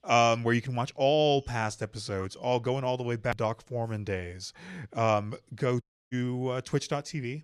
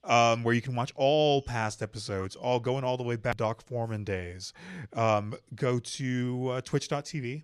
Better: second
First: audio cutting out; at 6 s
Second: none

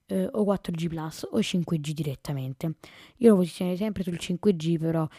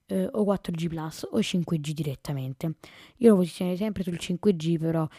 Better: neither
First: none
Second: none

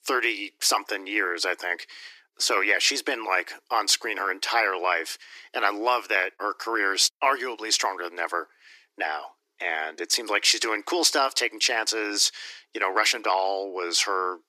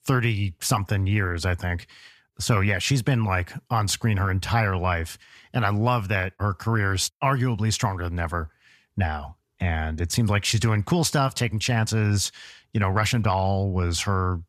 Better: second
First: thin; very; fading below 300 Hz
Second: none

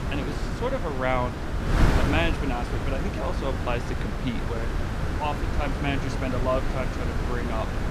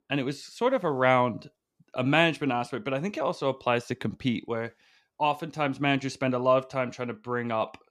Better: second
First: wind noise on the microphone; heavy; 2 dB below the speech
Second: none

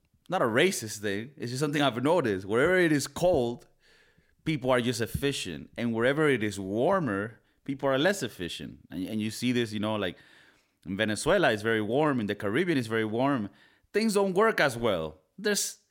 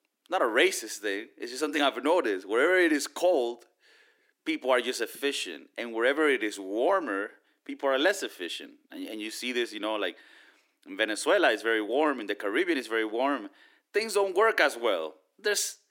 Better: first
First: none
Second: thin; somewhat; fading below 300 Hz

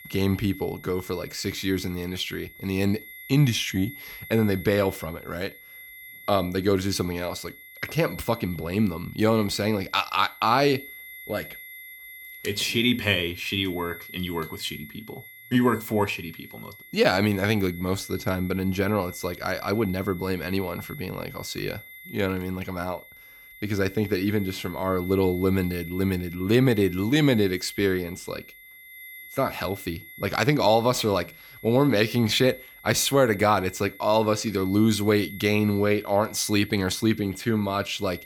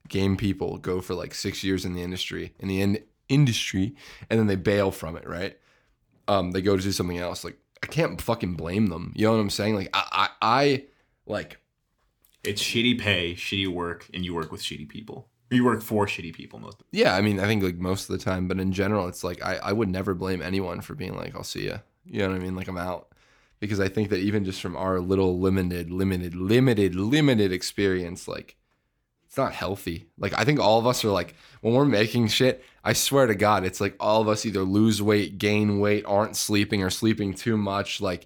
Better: second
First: high-pitched whine; noticeable; throughout; 2 kHz, 15 dB below the speech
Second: none

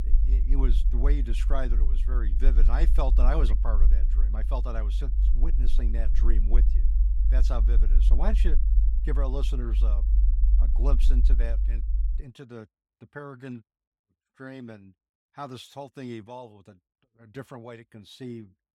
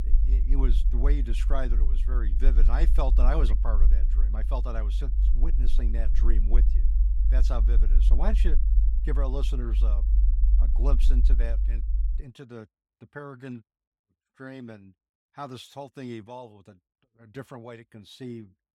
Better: neither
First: low rumble; loud; until 12 s; 9 dB below the speech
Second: low rumble; loud; until 12 s; 9 dB below the speech

